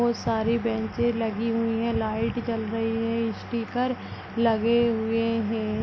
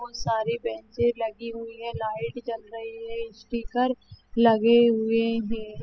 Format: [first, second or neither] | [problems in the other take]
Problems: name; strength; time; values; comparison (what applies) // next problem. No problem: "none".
first | noise reduction (classical method spectral subtraction)